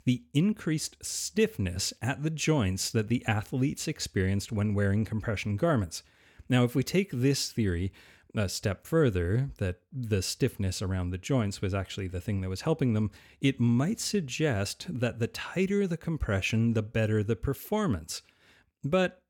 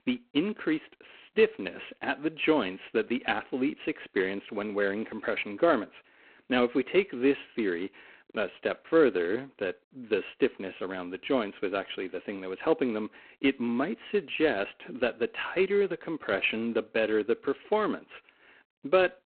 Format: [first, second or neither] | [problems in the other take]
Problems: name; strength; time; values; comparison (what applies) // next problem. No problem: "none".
first | phone-call audio; poor line